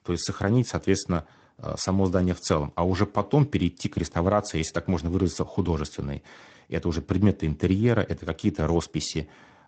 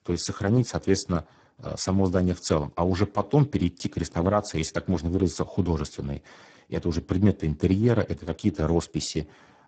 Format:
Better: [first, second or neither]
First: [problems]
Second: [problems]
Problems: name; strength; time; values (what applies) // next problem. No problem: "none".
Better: first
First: garbled, watery; slightly; nothing above 8 kHz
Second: garbled, watery; badly; nothing above 8 kHz